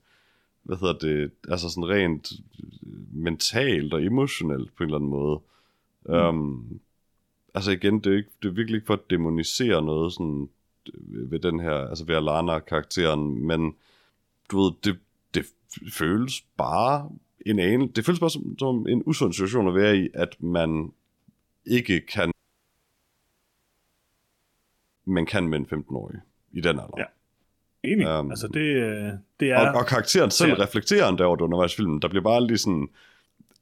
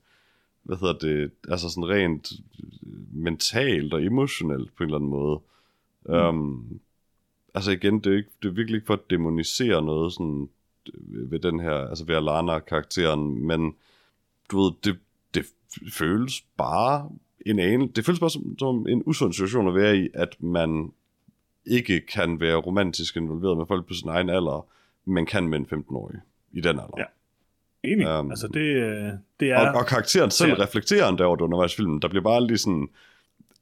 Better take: second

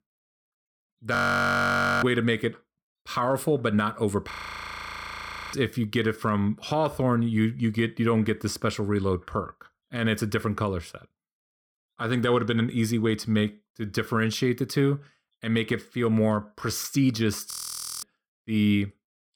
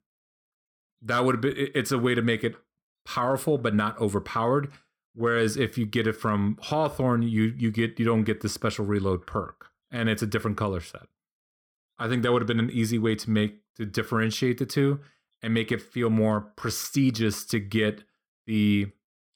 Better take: second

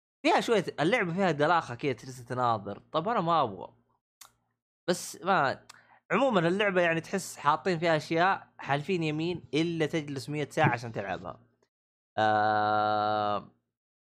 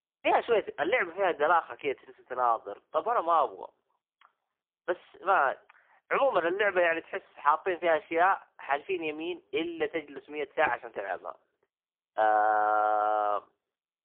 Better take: first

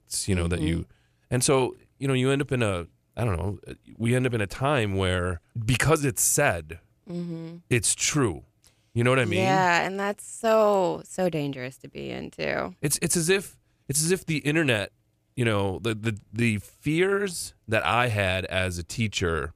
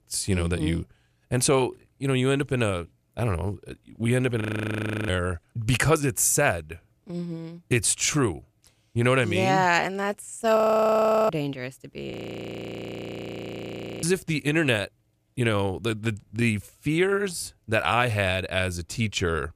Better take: first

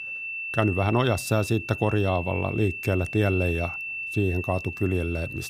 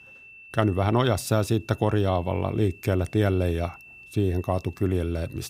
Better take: second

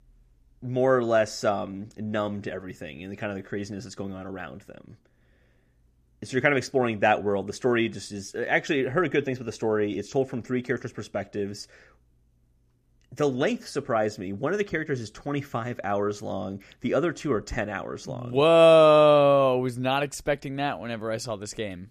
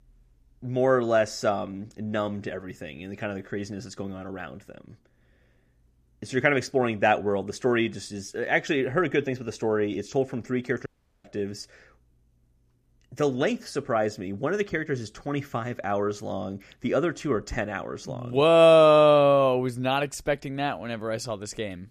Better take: first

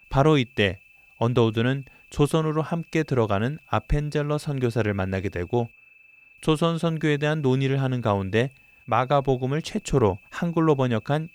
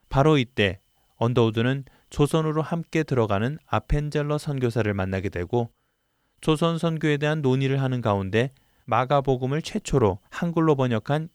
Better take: second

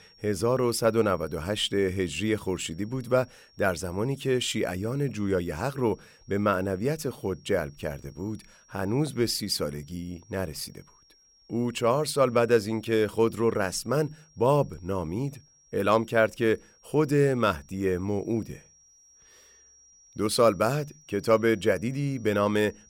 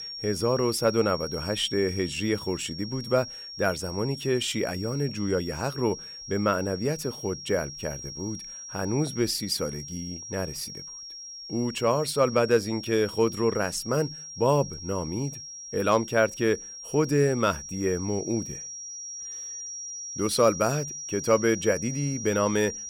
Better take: first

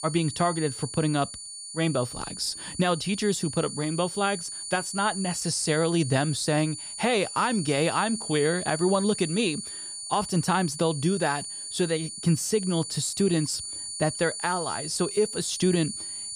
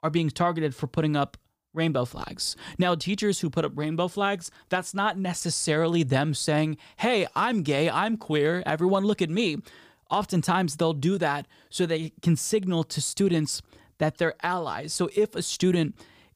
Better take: second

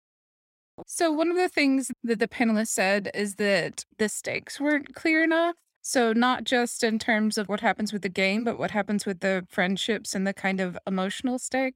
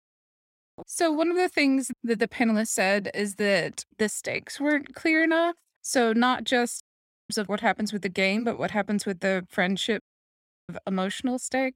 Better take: first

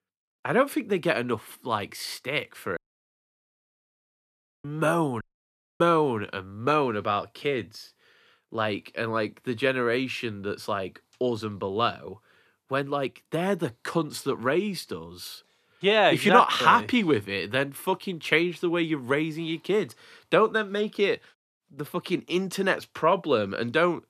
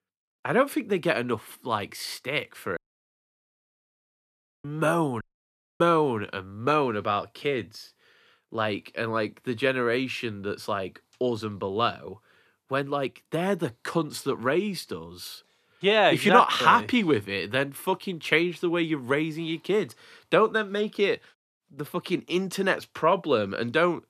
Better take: neither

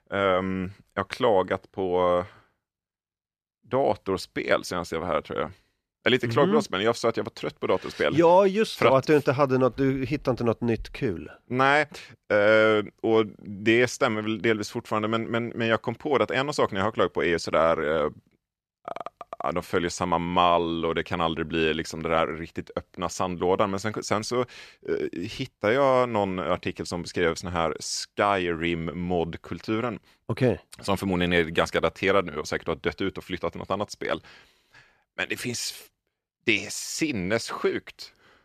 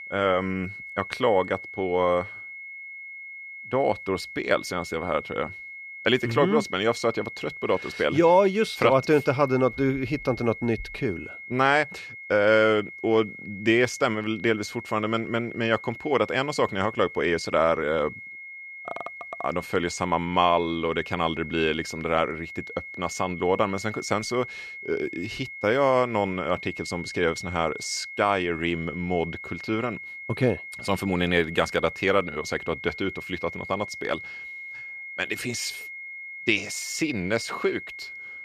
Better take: first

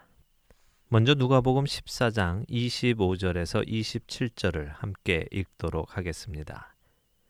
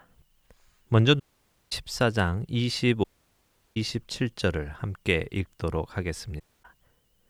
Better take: first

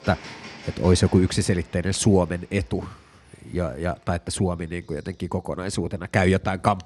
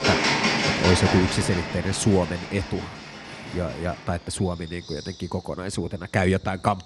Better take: first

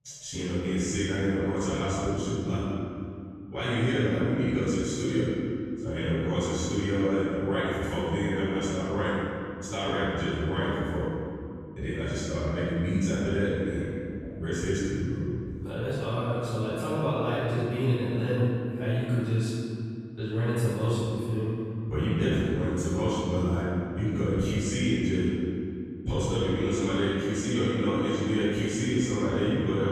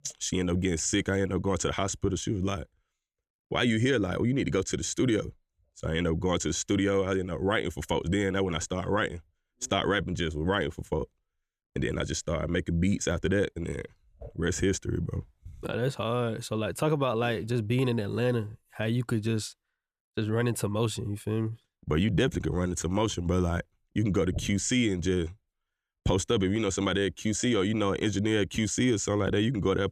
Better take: second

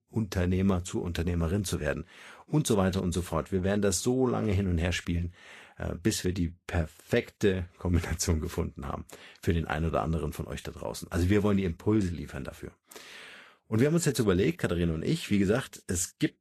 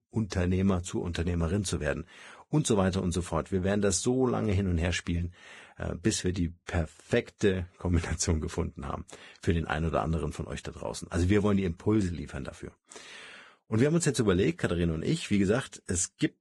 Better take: first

